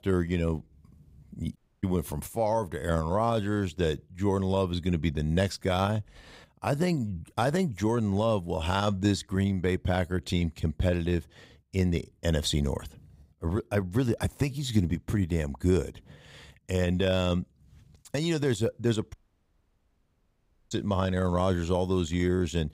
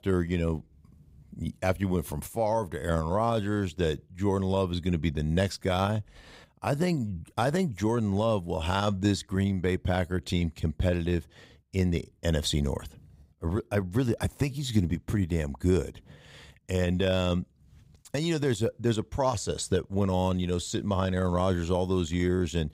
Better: second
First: audio cutting out; at 1.5 s and at 19 s for 1.5 s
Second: none

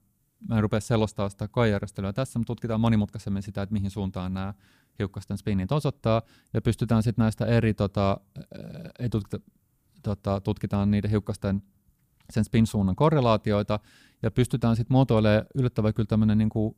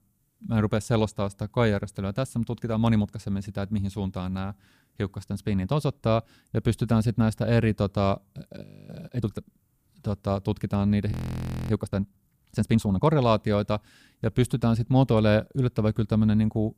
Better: first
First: none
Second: audio freezing; at 8.5 s and at 11 s for 0.5 s

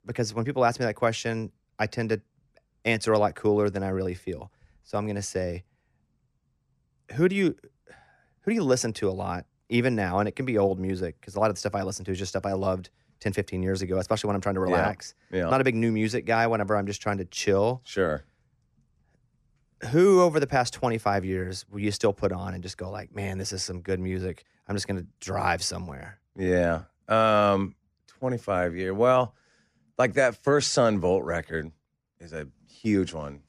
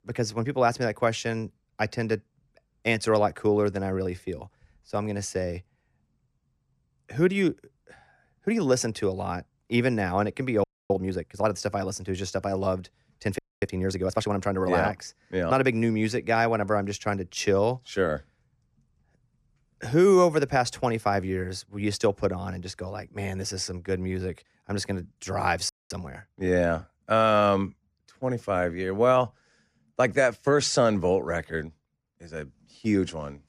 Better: first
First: none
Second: audio freezing; at 11 s, at 13 s and at 26 s

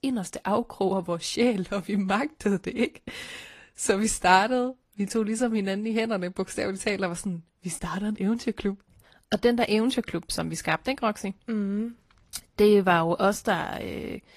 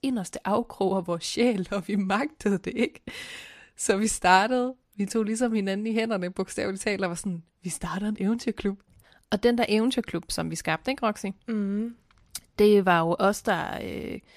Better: second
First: garbled, watery; slightly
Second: none

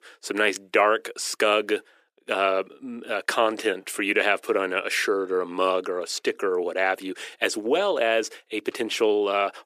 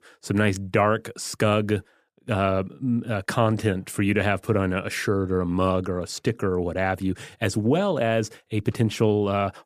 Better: second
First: thin; very; fading below 350 Hz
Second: none

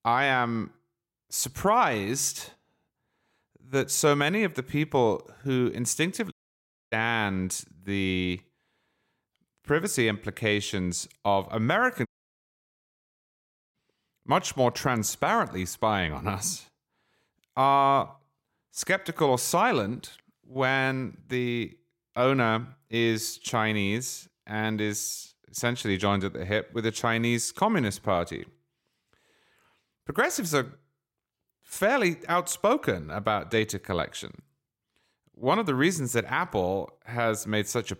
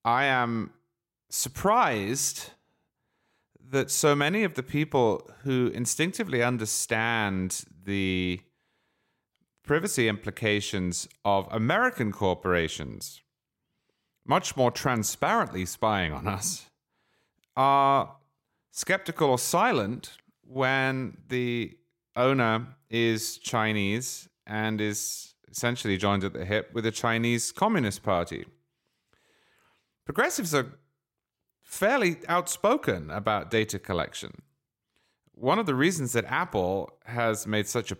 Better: second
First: audio cutting out; at 6.5 s for 0.5 s and at 12 s for 1.5 s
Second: none

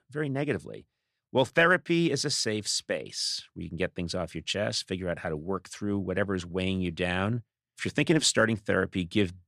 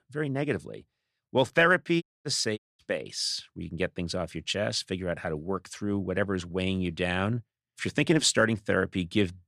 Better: first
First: none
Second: audio cutting out; at 2 s and at 2.5 s

